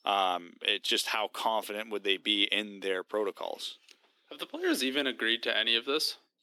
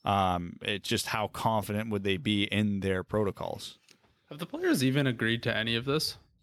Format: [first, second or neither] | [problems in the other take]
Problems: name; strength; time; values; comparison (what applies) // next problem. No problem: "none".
second | thin; somewhat; fading below 300 Hz